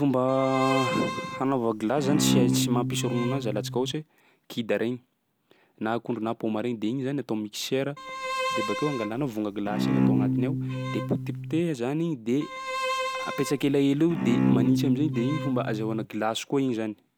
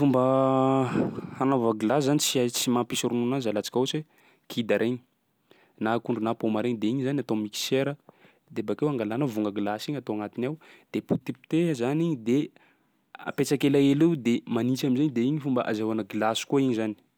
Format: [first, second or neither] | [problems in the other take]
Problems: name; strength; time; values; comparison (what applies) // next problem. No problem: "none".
second | background sound (Bowed string instrument); as loud as the speech